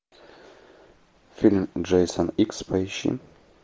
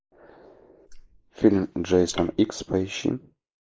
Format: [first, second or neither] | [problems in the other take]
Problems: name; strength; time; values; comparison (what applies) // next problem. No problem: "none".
first | noise reduction (neural mask model Resemble Enhance denoiser)